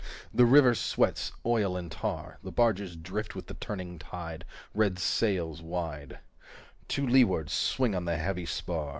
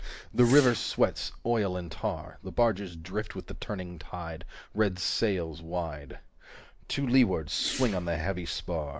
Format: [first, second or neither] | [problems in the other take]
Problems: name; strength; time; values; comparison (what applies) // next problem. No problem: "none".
first | background sound (Whoosh, swoosh, swish); 14 dB below the speech